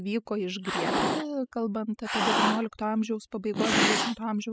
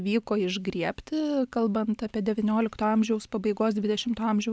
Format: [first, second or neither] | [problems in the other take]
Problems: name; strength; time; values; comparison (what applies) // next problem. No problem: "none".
second | noise reduction (classical method spectral subtraction)